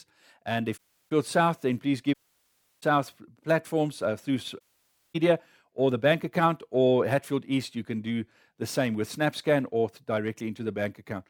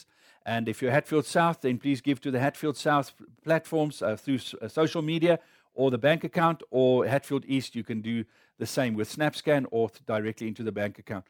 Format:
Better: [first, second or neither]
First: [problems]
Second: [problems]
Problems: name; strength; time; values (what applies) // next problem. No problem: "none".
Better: second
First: audio cutting out; at 1 s, at 2 s for 0.5 s and at 4.5 s for 0.5 s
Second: none